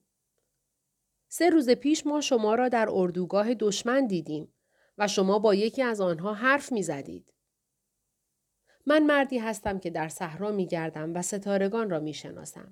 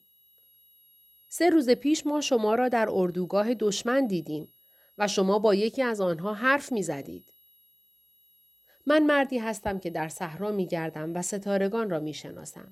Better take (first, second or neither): first